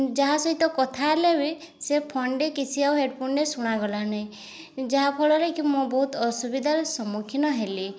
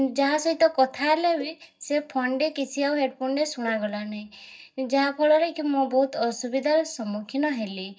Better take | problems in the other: first | noise reduction (neural mask model DeepFilterNet 3)

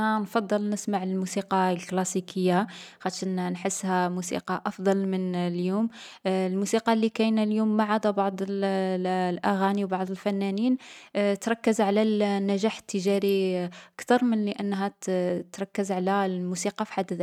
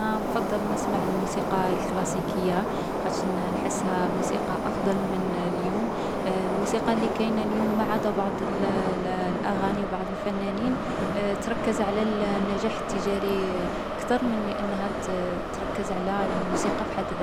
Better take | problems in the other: first | background sound (Subway, metro, underground); 1 dB above the speech

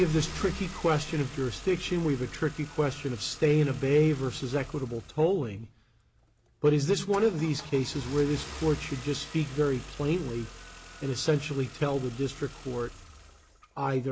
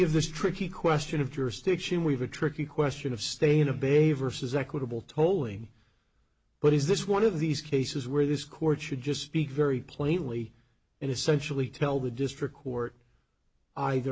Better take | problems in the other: second | background sound (Engine starting / Car); 16 dB below the speech

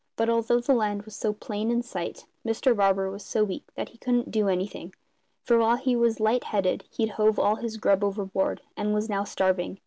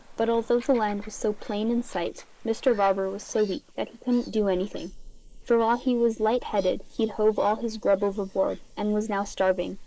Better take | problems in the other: first | noise reduction (neural mask model Resemble Enhance denoiser)

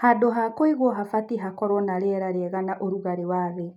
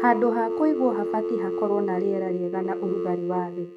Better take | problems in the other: first | noise reduction (neural mask model RNNoise)

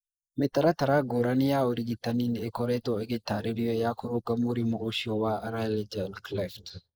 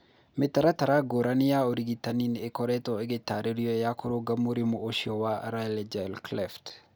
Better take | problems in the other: second | noise reduction (neural mask model Resemble Enhance denoiser)

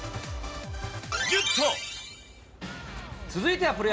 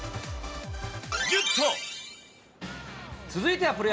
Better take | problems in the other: second | background sound (Clock); 18 dB below the speech

